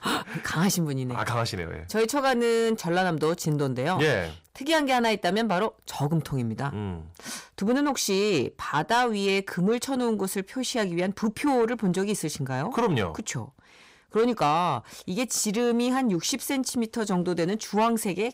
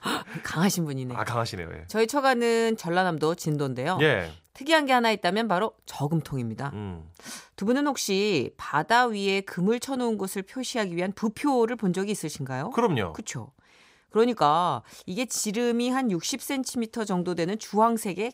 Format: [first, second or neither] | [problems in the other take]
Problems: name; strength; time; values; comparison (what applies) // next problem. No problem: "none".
second | distortion; slight; 10 dB below the speech